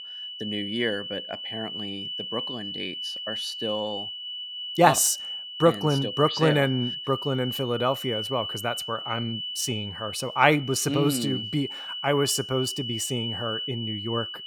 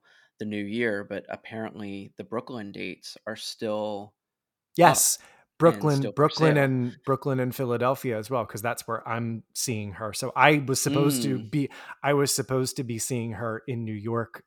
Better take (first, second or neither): second